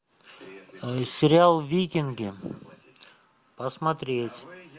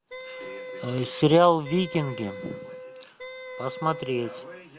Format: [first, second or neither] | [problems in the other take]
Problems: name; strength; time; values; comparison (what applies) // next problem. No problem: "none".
first | background sound (Wind instrument, woodwind instrument); 13 dB below the speech